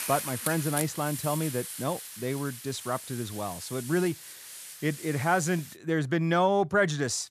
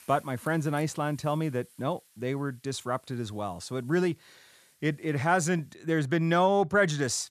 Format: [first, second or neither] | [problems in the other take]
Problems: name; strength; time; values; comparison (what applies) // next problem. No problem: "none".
second | hiss; loud; until 6 s; 8 dB below the speech; faint in the second